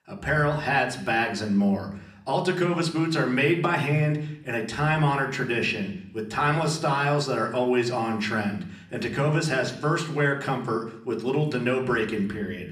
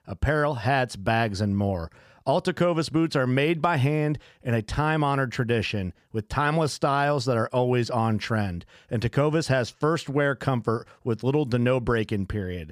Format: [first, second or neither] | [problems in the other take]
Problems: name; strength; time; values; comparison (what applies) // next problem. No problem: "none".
second | room echo; slight; dies away in 0.6 s // off-mic speech; somewhat distant